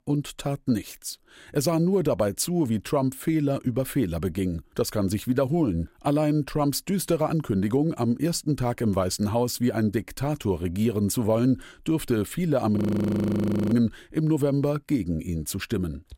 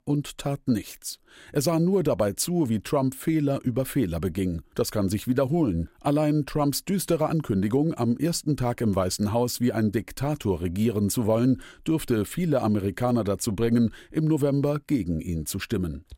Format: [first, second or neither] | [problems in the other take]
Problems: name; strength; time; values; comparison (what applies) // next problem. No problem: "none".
second | audio freezing; at 13 s for 1 s